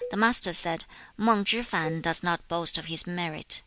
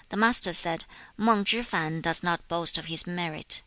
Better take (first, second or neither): second